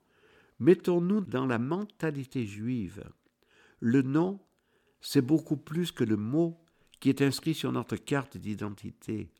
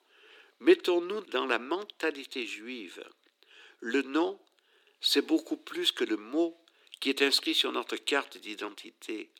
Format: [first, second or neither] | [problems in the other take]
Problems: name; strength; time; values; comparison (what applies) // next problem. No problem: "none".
first | thin; somewhat; fading below 300 Hz